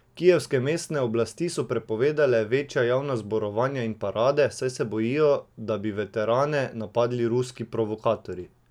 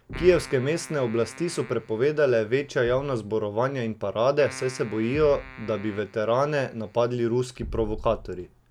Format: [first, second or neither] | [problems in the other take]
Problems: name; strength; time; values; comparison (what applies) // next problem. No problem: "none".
first | background sound (Keyboard (musical) + Thump, thud); 16 dB below the speech